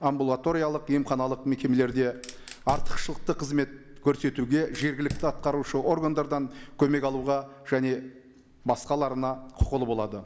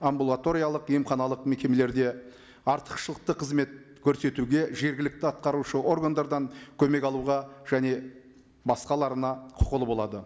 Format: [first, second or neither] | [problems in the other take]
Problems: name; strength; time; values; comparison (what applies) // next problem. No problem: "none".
second | background sound (Fire); 10 dB below the speech